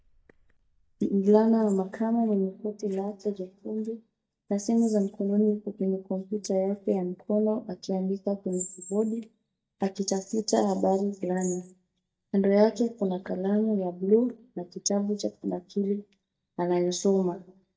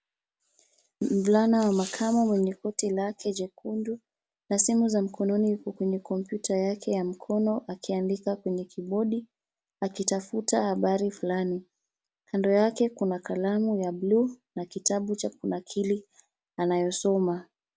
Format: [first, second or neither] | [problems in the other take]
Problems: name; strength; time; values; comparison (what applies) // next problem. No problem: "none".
second | noise reduction (neural mask model DeepFilterNet 3)